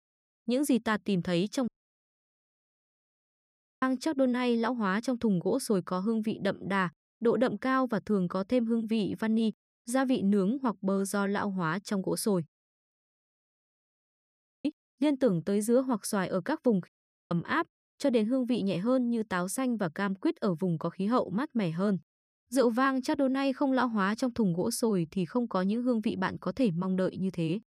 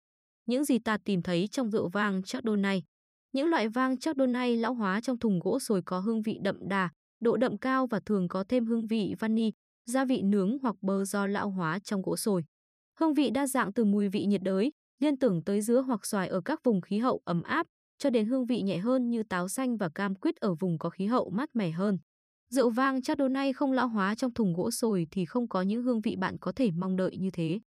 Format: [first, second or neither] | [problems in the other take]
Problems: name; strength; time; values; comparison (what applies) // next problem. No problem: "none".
second | audio cutting out; at 1.5 s for 2 s, at 13 s for 1.5 s and at 17 s